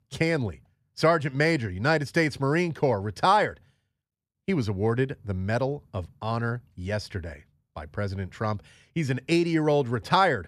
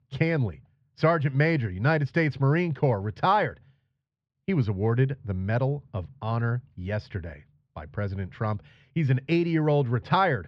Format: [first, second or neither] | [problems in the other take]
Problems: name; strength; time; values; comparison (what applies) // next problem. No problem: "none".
first | muffled; slightly; fading above 3.5 kHz